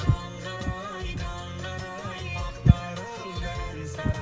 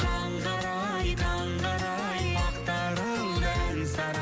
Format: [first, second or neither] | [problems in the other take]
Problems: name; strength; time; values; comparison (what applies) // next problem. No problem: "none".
second | background sound (Walk, footsteps); 4 dB above the speech // room echo; dies away in 0.7 s